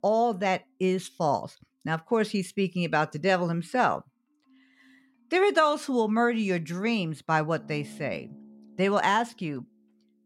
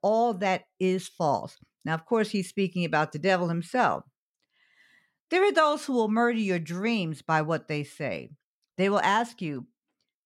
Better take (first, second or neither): second